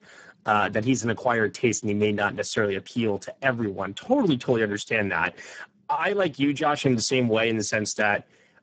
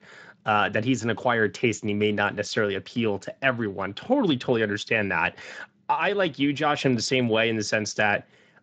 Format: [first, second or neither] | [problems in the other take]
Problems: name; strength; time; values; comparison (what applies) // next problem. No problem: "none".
second | garbled, watery; badly; nothing above 7.5 kHz; slightly in the second